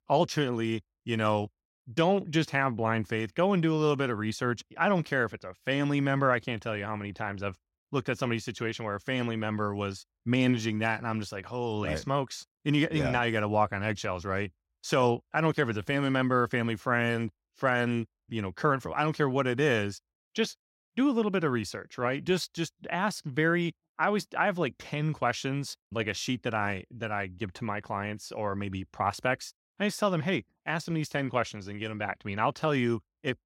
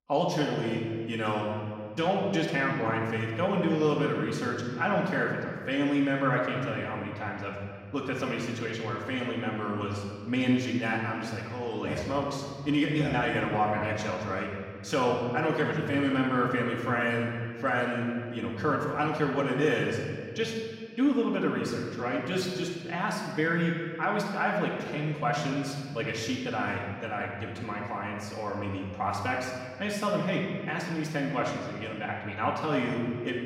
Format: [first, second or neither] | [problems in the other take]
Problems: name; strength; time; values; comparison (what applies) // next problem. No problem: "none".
first | room echo; noticeable; dies away in 1.7 s // off-mic speech; far